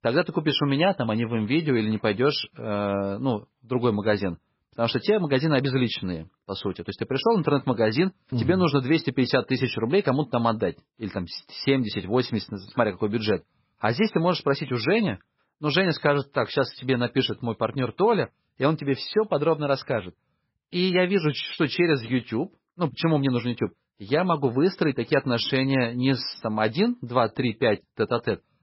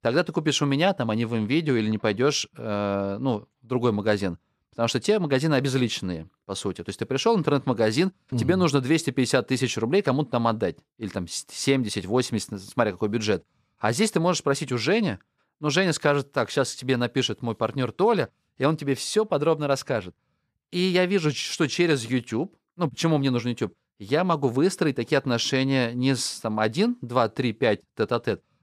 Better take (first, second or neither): second